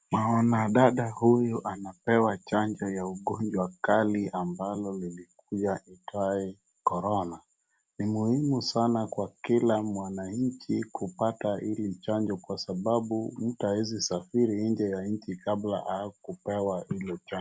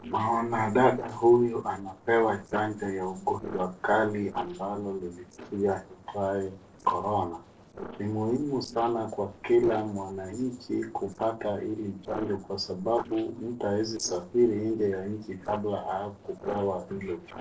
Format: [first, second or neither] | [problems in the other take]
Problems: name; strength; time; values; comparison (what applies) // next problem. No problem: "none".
first | noise reduction (neural separator model SepFormer DNS4)